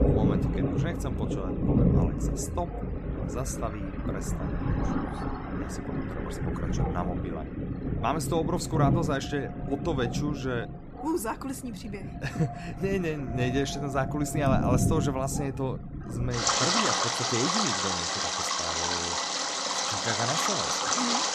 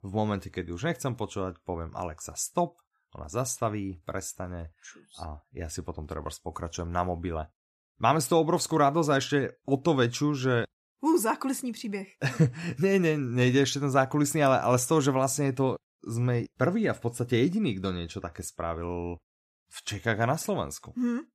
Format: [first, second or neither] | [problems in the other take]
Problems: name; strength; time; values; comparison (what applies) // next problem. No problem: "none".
second | rain or running water; very loud; throughout; 4 dB above the speech